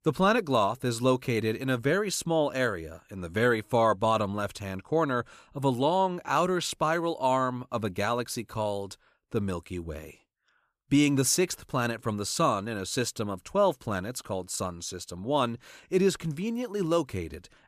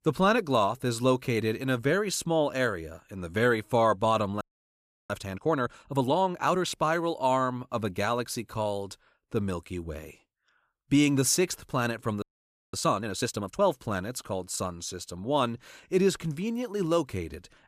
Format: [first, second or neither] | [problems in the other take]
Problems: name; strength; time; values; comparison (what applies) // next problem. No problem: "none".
first | audio freezing; at 4.5 s for 0.5 s and at 12 s for 0.5 s